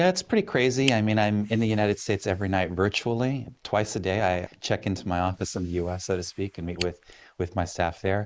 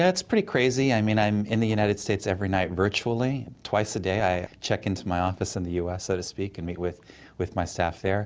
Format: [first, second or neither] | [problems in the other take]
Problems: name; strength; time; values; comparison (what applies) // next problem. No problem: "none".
second | noise reduction (neural mask model Resemble Enhance denoiser)